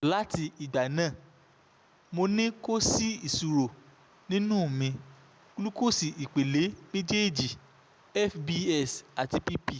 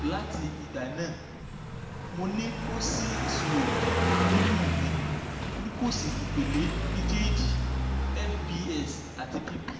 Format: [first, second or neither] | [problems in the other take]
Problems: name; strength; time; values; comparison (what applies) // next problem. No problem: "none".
first | background sound (Car passing by); 4 dB above the speech // room echo; dies away in 1 s